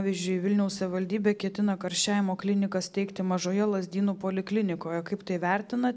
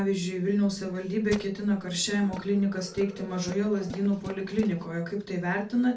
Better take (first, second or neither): first